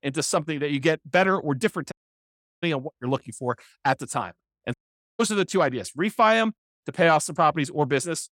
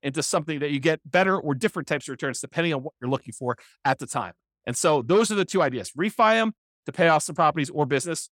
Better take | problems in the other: second | audio cutting out; at 2 s for 0.5 s and at 4.5 s

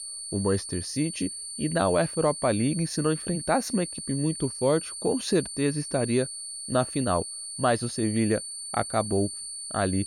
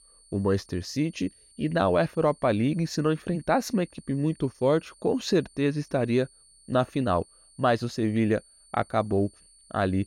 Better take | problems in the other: second | high-pitched whine; loud; throughout; 9 kHz, 7 dB below the speech; faint in the second

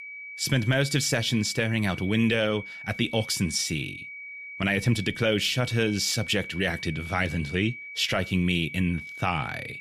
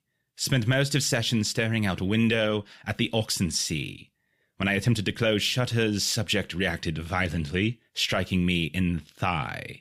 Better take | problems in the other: second | high-pitched whine; noticeable; throughout; 2.5 kHz, 10 dB below the speech

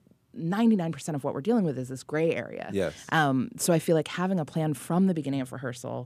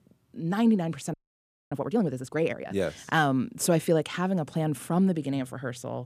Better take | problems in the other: first | audio freezing; at 1 s for 0.5 s

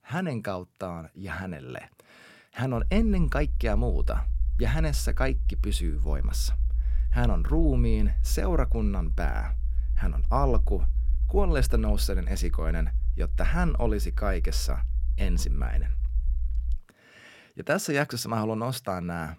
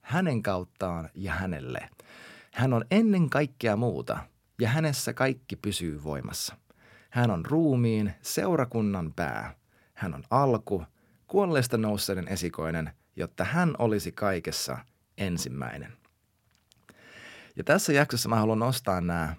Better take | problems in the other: second | low rumble; noticeable; from 3 to 17 s; 20 dB below the speech

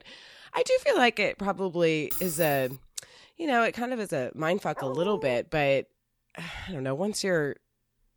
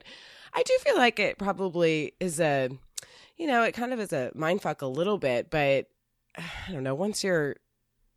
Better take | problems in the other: second | jangling keys; noticeable; at 2 s; peak 3 dB below the speech // dog barking; noticeable; at 5 s; peak 9 dB below the speech

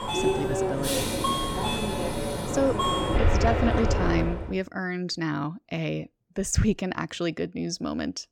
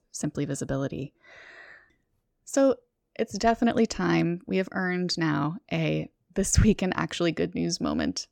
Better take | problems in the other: second | train or aircraft noise; very loud; until 4.5 s; 3 dB above the speech

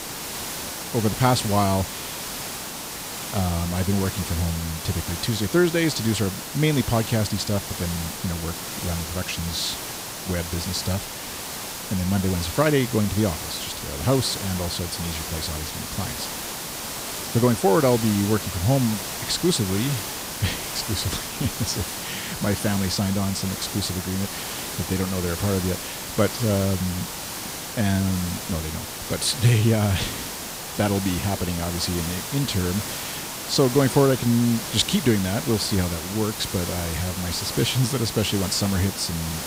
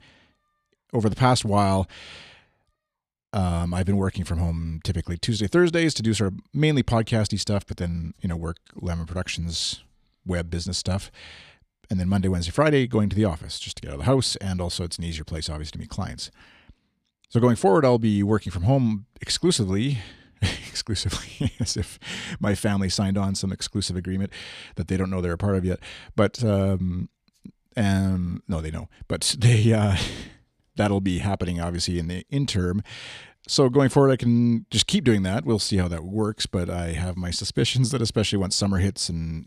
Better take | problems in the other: second | hiss; loud; throughout; 6 dB below the speech

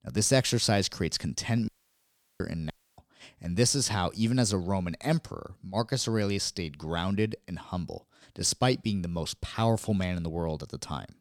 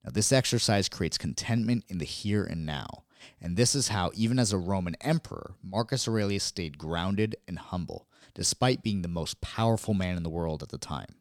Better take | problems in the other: second | audio cutting out; at 1.5 s for 0.5 s and at 2.5 s

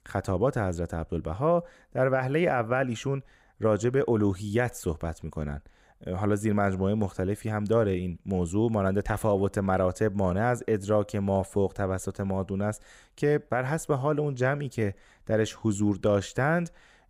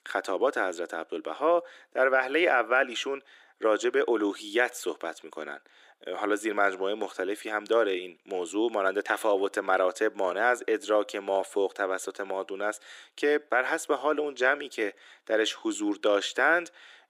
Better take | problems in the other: first | thin; very; fading below 300 Hz

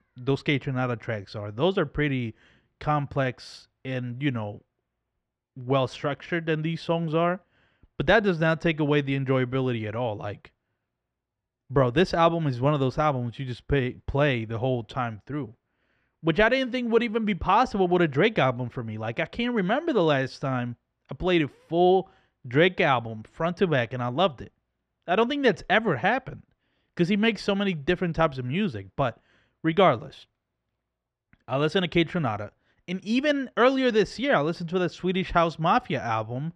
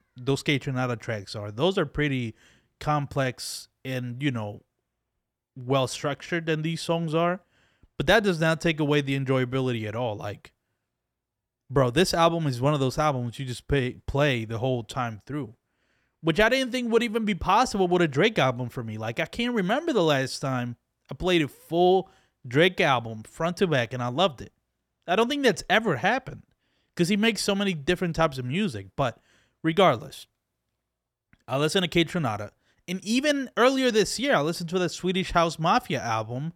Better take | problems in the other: second | muffled; slightly; fading above 3 kHz

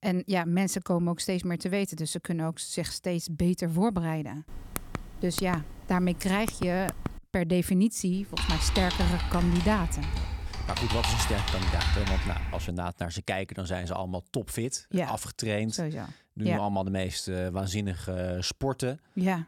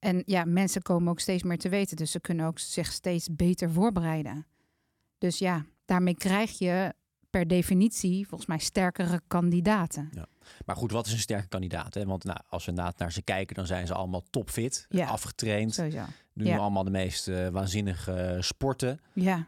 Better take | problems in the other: second | keyboard typing; noticeable; from 4.5 to 7 s; peak 7 dB below the speech // keyboard typing; loud; from 8 to 13 s; peak 3 dB above the speech

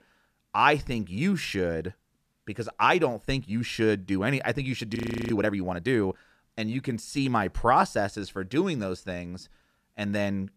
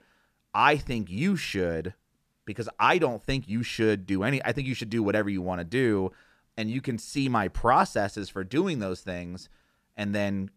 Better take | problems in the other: second | audio freezing; at 5 s

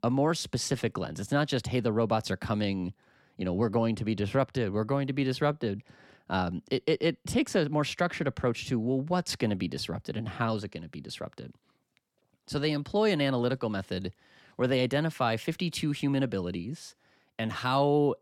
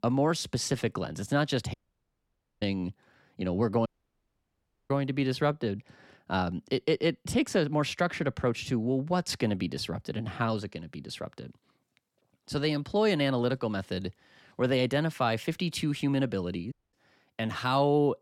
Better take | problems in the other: first | audio cutting out; at 1.5 s for 1 s, at 4 s for 1 s and at 17 s

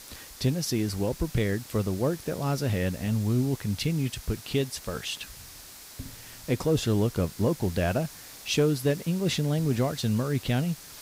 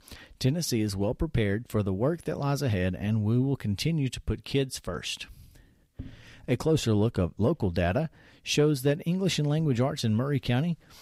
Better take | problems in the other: second | hiss; noticeable; throughout; 15 dB below the speech

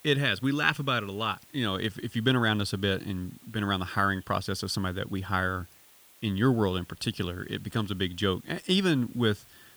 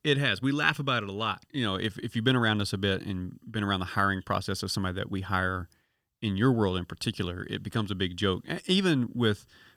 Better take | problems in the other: second | hiss; faint; throughout; 25 dB below the speech

